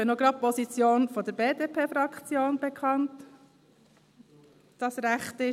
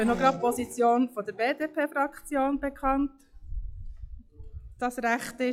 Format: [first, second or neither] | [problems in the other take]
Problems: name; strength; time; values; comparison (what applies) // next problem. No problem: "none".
first | noise reduction (classical method log-MMSE)